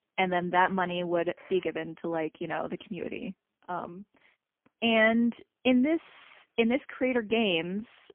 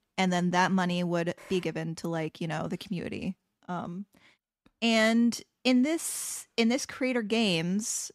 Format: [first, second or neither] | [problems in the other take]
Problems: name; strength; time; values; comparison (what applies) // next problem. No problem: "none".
second | phone-call audio; poor line; nothing above 3.5 kHz